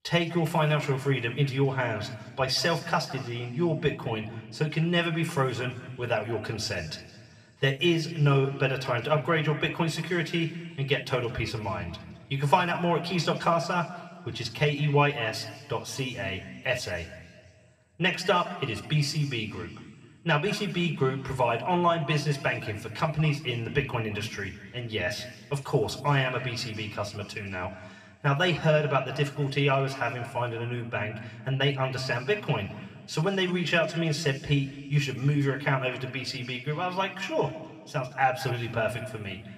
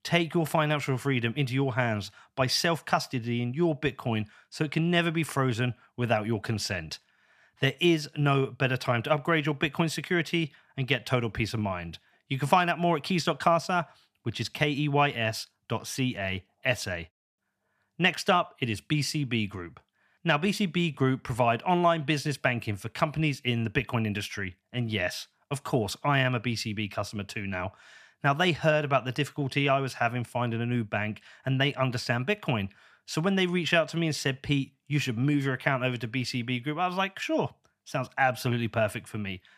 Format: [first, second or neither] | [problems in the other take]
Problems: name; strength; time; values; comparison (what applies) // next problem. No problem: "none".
second | room echo; slight; dies away in 1.7 s